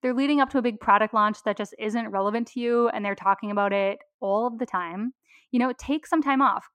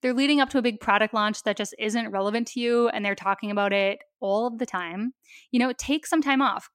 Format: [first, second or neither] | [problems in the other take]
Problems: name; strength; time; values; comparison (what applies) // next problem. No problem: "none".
second | muffled; slightly; fading above 2.5 kHz